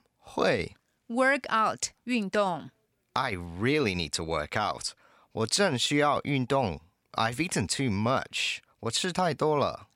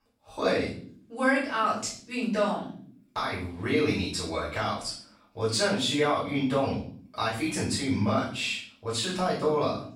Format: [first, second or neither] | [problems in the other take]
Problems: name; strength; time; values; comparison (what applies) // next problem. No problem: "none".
first | room echo; noticeable; dies away in 0.5 s // off-mic speech; far